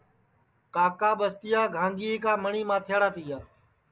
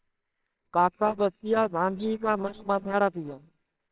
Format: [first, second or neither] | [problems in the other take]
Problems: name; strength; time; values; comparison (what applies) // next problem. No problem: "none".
first | noise reduction (neural separator model SepFormer WHAMR!)